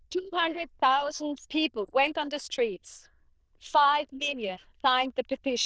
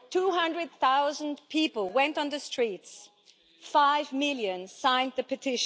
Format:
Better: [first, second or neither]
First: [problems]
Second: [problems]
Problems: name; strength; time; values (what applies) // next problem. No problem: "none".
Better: second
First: noise reduction (neural diffusion model UNIVERSE++)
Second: none